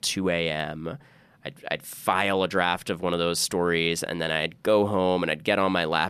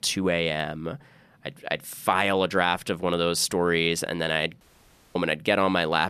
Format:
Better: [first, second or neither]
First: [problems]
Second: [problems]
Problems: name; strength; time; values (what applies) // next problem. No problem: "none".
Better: first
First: none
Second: audio cutting out; at 4.5 s for 0.5 s